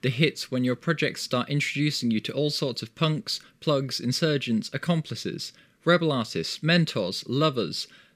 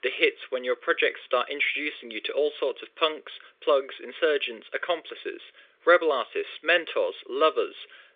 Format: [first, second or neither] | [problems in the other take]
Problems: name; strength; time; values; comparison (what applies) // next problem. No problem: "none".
first | phone-call audio